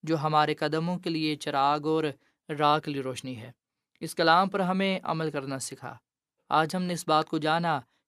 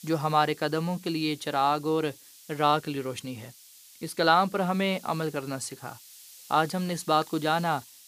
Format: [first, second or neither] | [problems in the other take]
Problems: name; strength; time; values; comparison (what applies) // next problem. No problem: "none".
first | hiss; faint; throughout; 20 dB below the speech